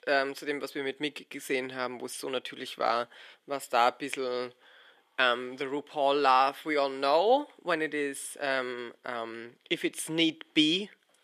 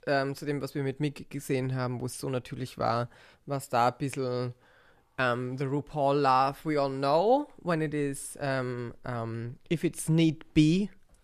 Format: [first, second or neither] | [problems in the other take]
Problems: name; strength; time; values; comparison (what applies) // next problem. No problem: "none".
second | thin; somewhat; fading below 300 Hz